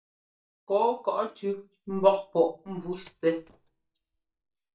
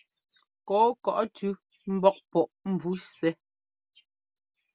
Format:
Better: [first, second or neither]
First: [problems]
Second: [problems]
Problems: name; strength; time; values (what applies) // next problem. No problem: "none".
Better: second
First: noise reduction (neural mask model DeepFilterNet 3)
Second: none